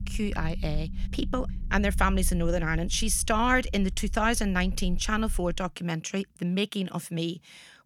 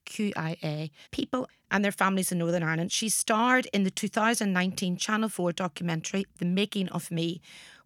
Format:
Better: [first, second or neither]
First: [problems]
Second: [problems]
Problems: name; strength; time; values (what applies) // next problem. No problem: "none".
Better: second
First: low rumble; faint; until 5.5 s; 25 dB below the speech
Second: none